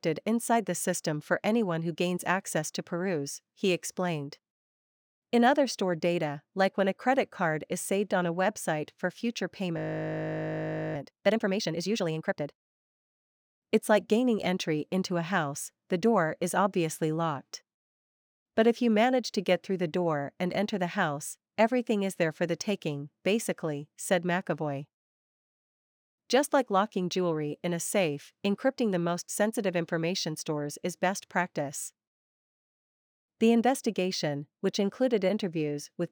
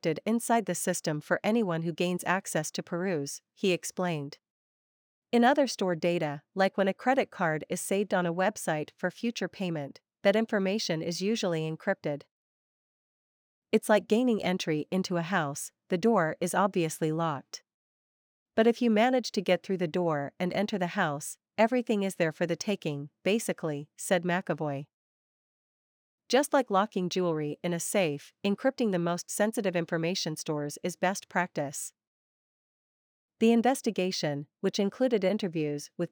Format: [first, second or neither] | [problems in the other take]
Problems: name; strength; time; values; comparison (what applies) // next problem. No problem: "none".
second | audio freezing; at 10 s for 1 s